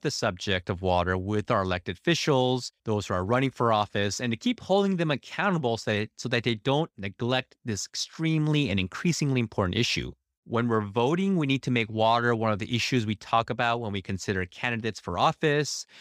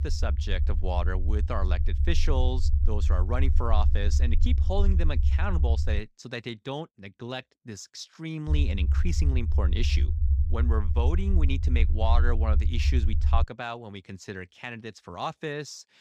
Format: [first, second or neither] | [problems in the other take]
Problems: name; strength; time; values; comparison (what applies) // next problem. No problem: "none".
first | low rumble; loud; until 6 s and from 8.5 to 13 s; 10 dB below the speech